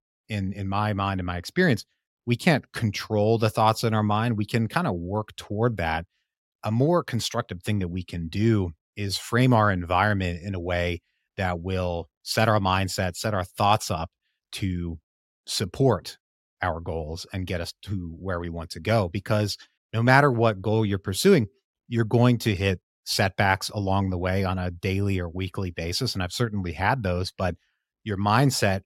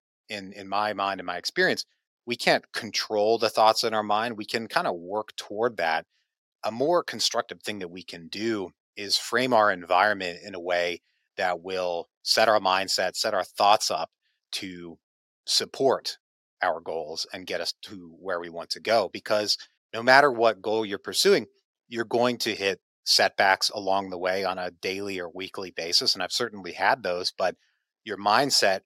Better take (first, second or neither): first